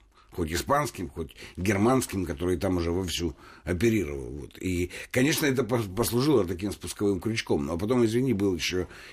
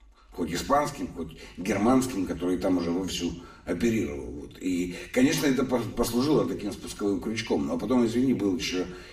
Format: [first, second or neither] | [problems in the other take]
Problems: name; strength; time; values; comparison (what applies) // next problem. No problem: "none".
first | room echo; slight; dies away in 0.5 s // off-mic speech; somewhat distant